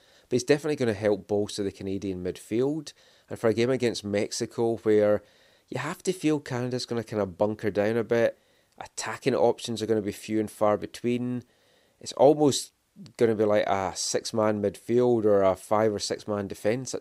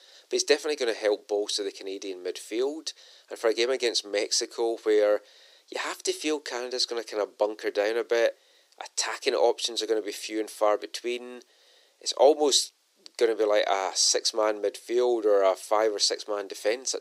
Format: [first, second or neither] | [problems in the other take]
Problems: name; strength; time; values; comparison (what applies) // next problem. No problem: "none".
first | thin; very; fading below 350 Hz